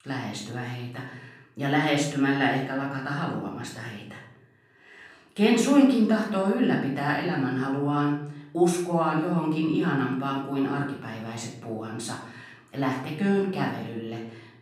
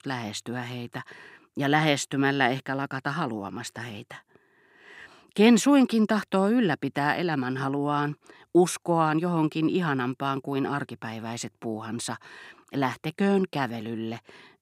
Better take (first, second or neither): second